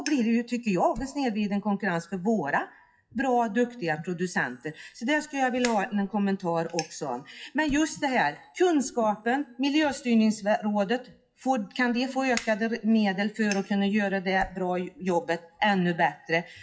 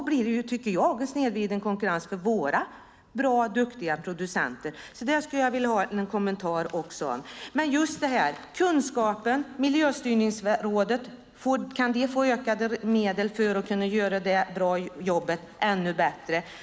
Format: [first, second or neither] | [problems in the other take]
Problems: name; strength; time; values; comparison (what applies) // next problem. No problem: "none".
second | noise reduction (classical method WPE with log-MMSE)